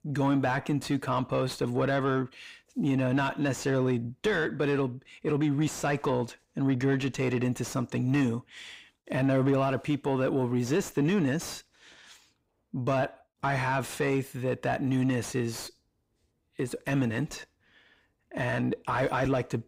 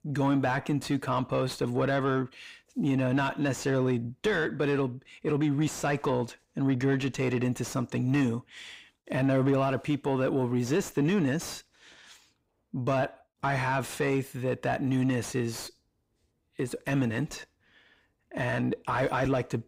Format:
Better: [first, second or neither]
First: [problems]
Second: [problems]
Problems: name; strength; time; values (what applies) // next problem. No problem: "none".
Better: neither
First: distortion; slight; 10 dB below the speech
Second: distortion; slight; 10 dB below the speech